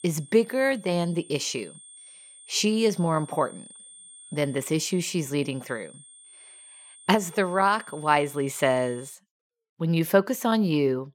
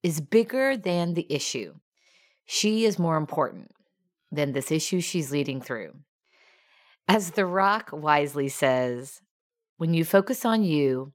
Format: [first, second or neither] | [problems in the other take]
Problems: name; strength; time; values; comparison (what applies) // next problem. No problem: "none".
second | high-pitched whine; faint; until 9 s; 8.5 kHz, 20 dB below the speech